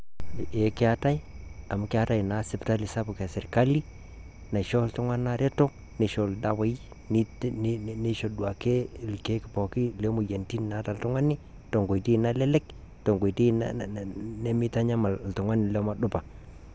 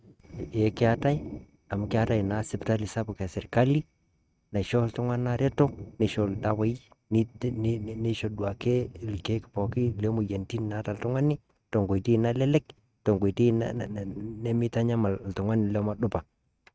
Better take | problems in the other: first | noise reduction (neural mask model RNNoise)

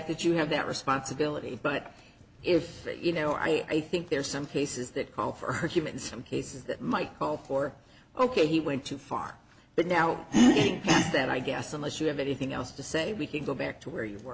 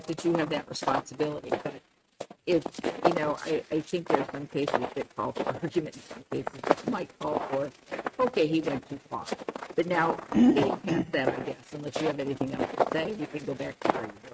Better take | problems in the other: first | noise reduction (neural mask model RNNoise)

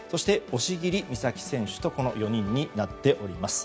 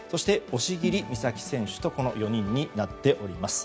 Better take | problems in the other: first | background sound (Organ); 9 dB below the speech

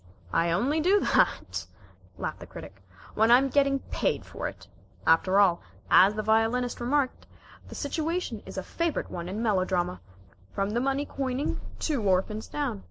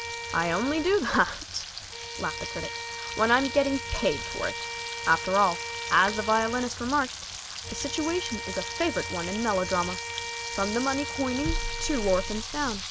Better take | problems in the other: first | background sound (Bowed string instrument + Frying (food)); 7 dB below the speech

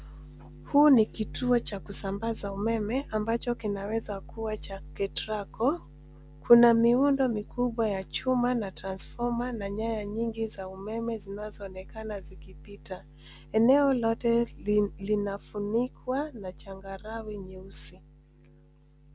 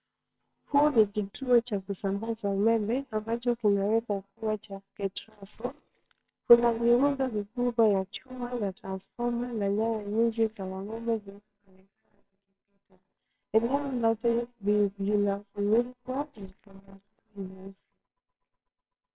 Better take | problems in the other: first | noise reduction (neural separator model SepFormer WHAMR!)

